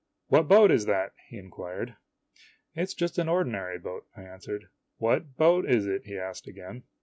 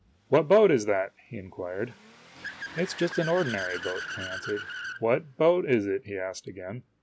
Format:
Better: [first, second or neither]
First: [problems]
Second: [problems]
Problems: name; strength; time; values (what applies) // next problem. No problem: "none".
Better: first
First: none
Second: background sound (Accelerating, revving, vroom / Car); 13 dB below the speech